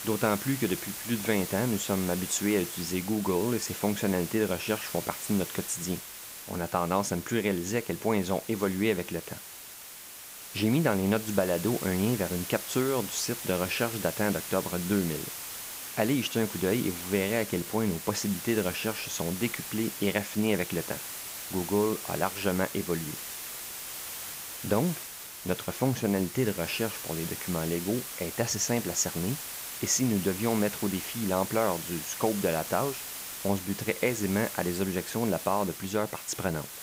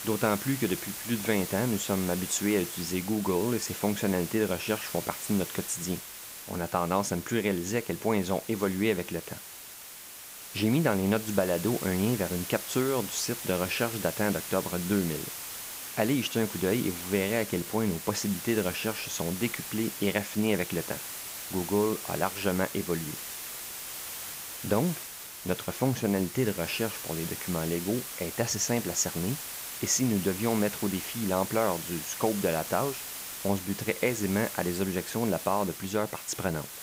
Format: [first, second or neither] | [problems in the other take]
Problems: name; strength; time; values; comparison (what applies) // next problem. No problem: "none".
neither | hiss; loud; throughout; 7 dB below the speech; the same in both